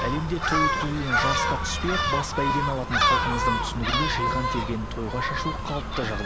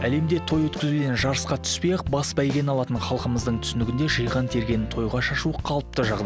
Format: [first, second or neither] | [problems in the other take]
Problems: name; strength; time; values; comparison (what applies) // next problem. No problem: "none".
second | background sound (Gull, seagull); 3 dB above the speech